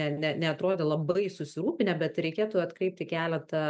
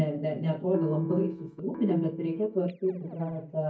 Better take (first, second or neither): first